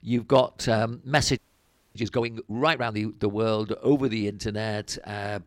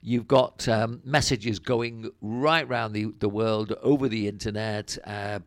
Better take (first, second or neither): second